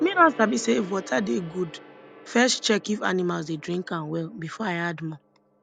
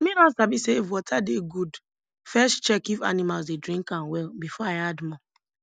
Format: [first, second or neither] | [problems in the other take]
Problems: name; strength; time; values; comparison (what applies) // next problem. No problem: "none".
second | background sound (Gong); 19 dB below the speech